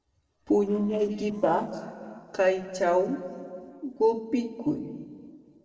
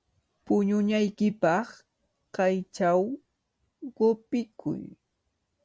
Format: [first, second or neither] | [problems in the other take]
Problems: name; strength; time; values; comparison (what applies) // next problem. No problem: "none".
second | noise reduction (neural separator model SepFormer DNS4)